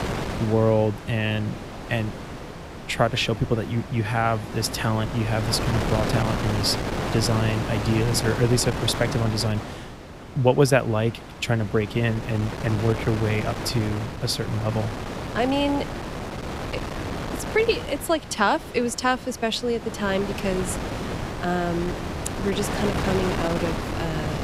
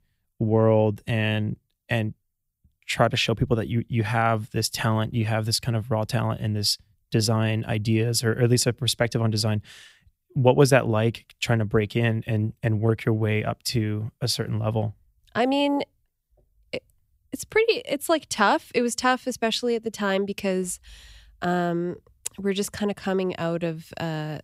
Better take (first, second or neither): second